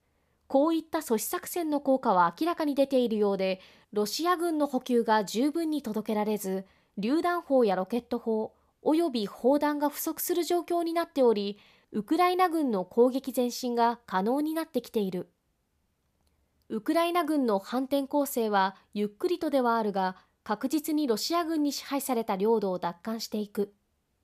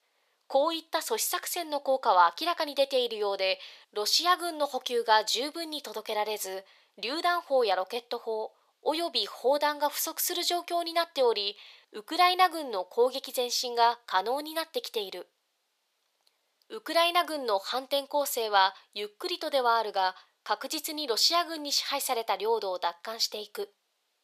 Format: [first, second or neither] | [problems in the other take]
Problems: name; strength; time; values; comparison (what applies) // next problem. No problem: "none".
first | thin; very; fading below 500 Hz